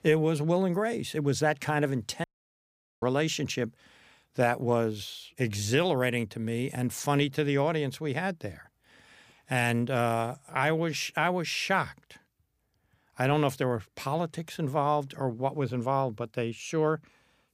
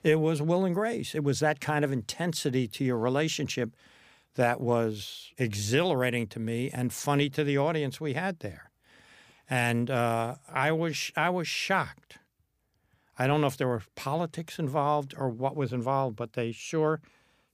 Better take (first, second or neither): second